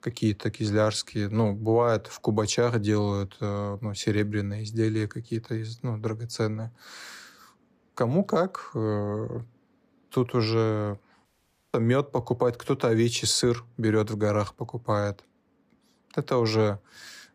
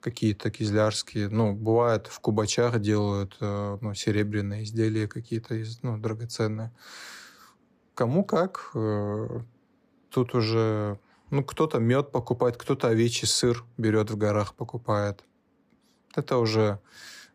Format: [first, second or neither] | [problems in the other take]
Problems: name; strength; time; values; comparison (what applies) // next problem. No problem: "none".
second | audio cutting out; at 11 s